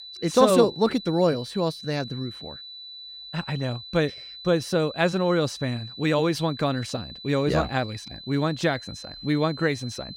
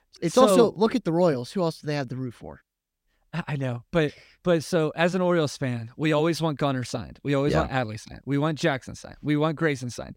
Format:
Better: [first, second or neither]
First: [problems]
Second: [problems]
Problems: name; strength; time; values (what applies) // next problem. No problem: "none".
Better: second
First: high-pitched whine; noticeable; throughout; 4 kHz, 15 dB below the speech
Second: none